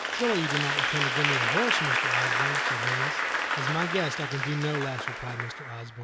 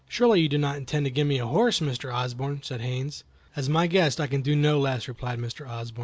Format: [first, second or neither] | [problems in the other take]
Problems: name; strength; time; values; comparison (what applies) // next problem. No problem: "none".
second | background sound (Applause / Crowd); 4 dB above the speech